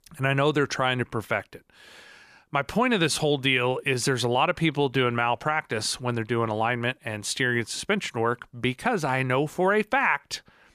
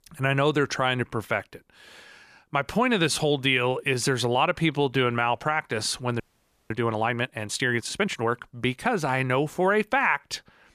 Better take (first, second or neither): first